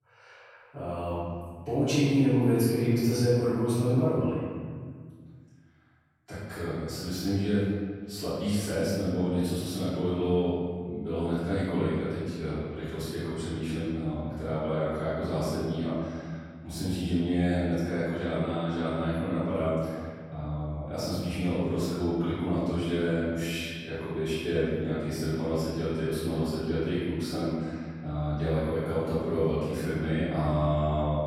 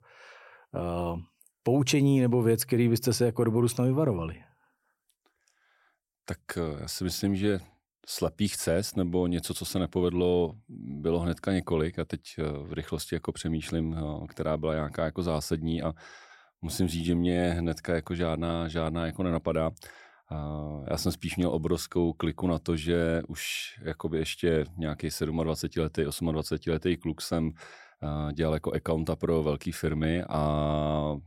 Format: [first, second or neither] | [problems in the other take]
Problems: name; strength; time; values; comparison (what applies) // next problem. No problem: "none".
second | off-mic speech; far // room echo; strong; dies away in 1.7 s